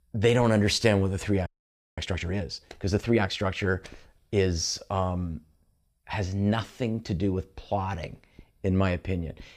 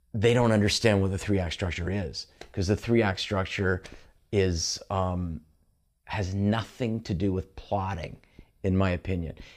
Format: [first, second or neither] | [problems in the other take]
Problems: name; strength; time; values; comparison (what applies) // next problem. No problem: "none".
second | audio freezing; at 1.5 s for 0.5 s